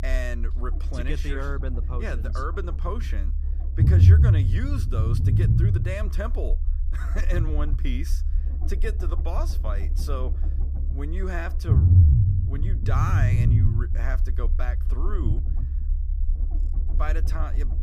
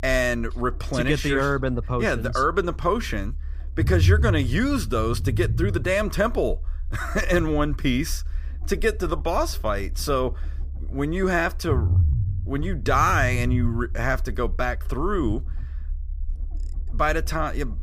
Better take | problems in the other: second | low rumble; loud; throughout; 3 dB below the speech; faint in the second

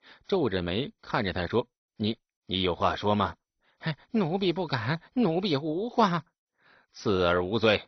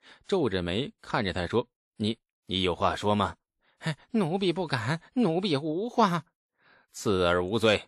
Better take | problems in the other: second | garbled, watery; badly; nothing above 6 kHz

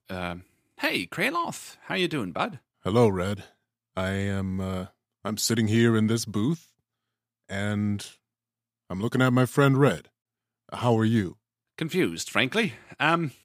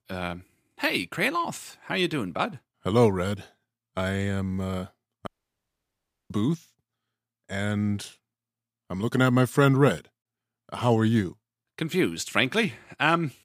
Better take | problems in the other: first | audio cutting out; at 5.5 s for 1 s

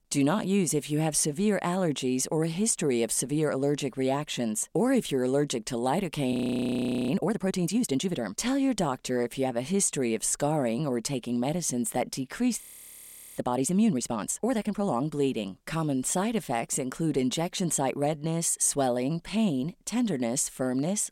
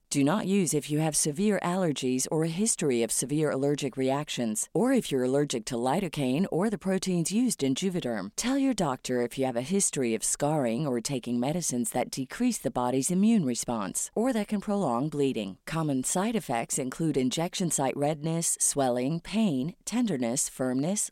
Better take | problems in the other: second | audio freezing; at 6.5 s for 1 s and at 13 s for 0.5 s

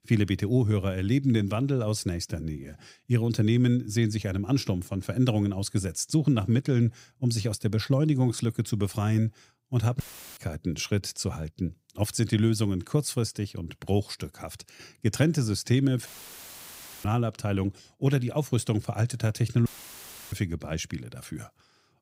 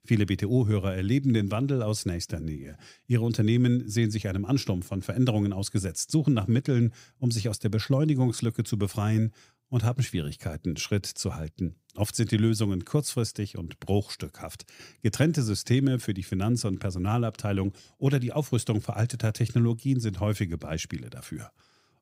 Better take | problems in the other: second | audio cutting out; filled with static; at 10 s, at 16 s for 1 s and at 20 s for 0.5 s

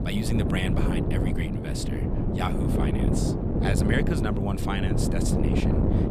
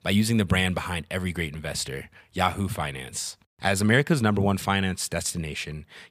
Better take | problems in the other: second | wind noise on the microphone; heavy; 1 dB above the speech

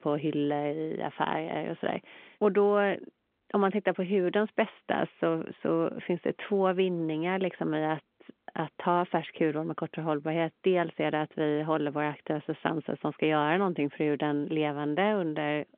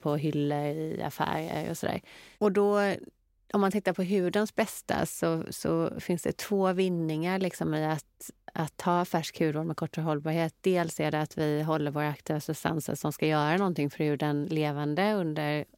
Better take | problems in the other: second | phone-call audio

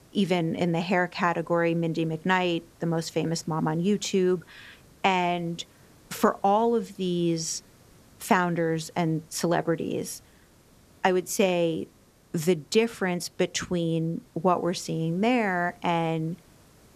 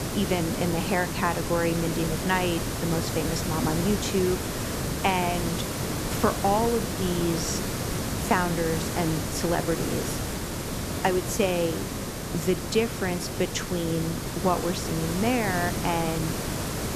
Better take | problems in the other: first | hiss; loud; throughout; 2 dB below the speech; faint in the first

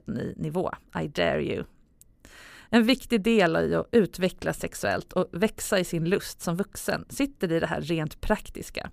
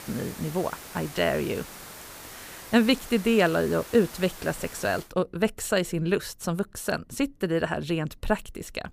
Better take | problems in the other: first | hiss; noticeable; until 5 s; 15 dB below the speech

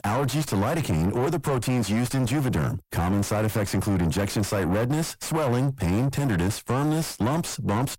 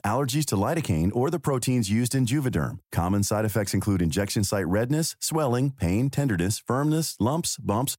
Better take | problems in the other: second | distortion; heavy; 7 dB below the speech

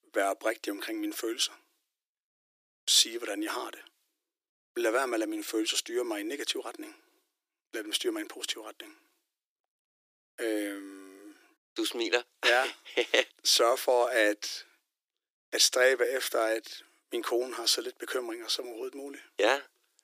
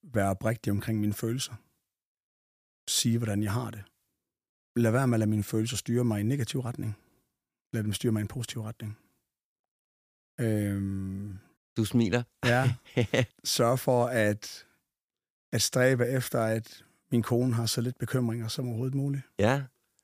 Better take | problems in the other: second | thin; very; fading below 300 Hz

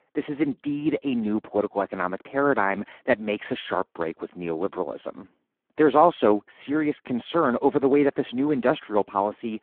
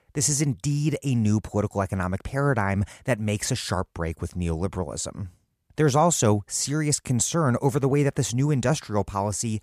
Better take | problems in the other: second | phone-call audio; poor line

